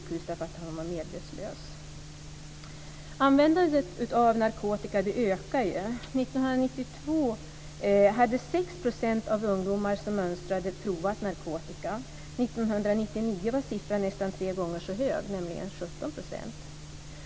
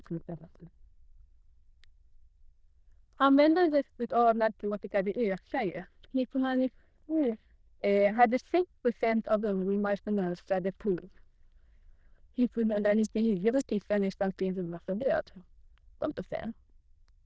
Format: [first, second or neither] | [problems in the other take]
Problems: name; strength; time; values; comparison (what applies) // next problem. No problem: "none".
first | noise reduction (neural diffusion model UNIVERSE++)